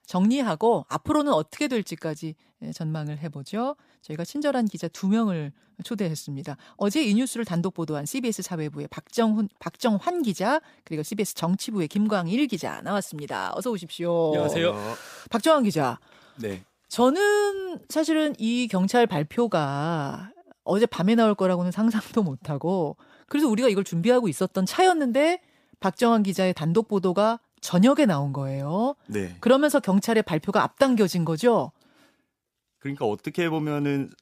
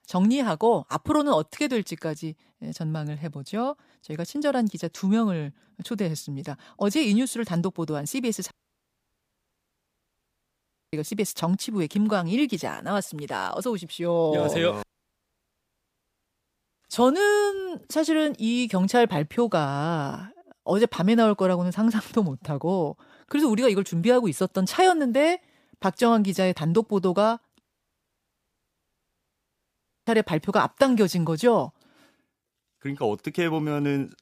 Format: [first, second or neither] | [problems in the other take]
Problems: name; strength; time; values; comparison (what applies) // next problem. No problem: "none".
first | audio cutting out; at 8.5 s for 2.5 s, at 15 s for 2 s and at 28 s for 2.5 s